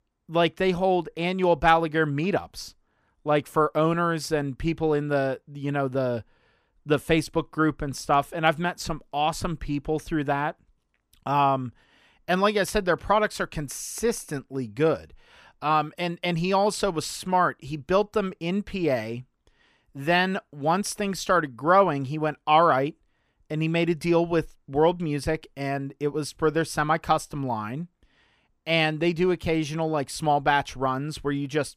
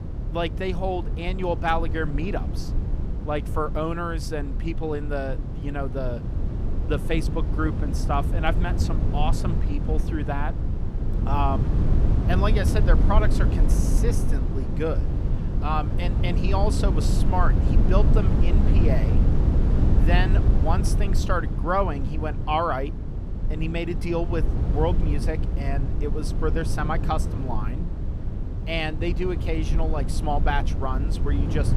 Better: first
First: none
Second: low rumble; loud; throughout; 8 dB below the speech

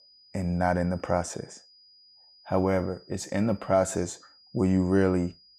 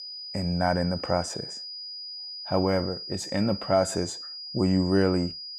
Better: first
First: high-pitched whine; faint; throughout; 5 kHz, 25 dB below the speech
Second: high-pitched whine; loud; throughout; 5 kHz, 9 dB below the speech

